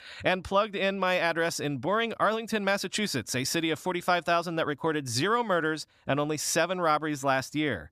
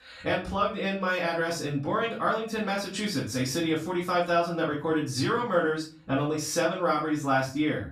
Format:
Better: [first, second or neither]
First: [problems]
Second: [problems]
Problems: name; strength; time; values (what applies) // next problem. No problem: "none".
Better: first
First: none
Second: off-mic speech; far // room echo; slight; dies away in 0.4 s